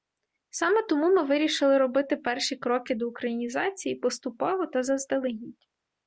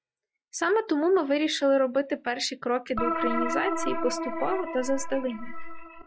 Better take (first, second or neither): first